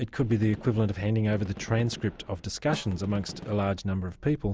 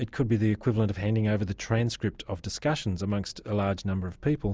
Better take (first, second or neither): second